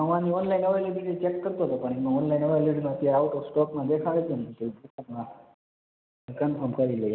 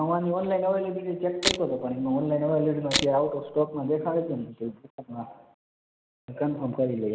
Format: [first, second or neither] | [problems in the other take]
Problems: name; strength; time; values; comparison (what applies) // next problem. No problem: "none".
first | background sound (Camera); 3 dB below the speech